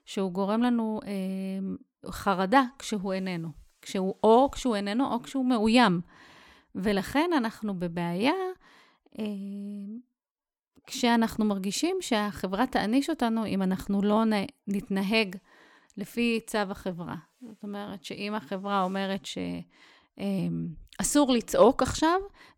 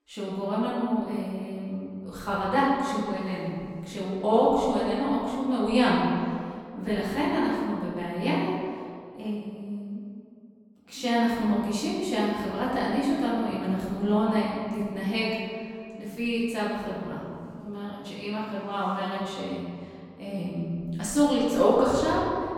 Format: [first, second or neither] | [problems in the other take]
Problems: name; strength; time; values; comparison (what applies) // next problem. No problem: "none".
first | room echo; strong; dies away in 2.1 s // off-mic speech; far